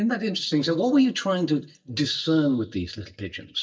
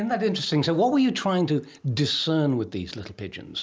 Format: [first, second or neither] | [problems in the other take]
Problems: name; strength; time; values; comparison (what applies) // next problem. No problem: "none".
second | noise reduction (neural mask model DeepFilterNet 3)